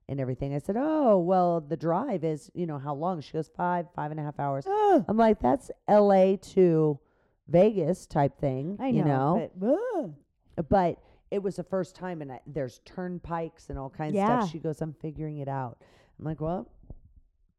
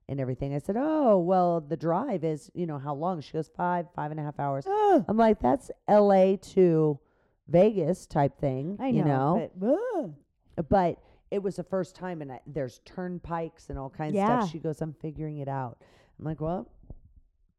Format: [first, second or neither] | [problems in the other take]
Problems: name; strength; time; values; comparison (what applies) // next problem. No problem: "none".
neither | muffled; very; fading above 1.5 kHz; the same in both